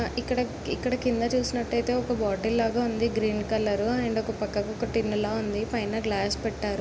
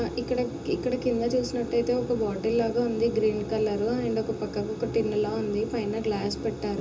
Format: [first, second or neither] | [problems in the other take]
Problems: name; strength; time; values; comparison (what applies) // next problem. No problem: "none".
first | room echo; dies away in 0.2 s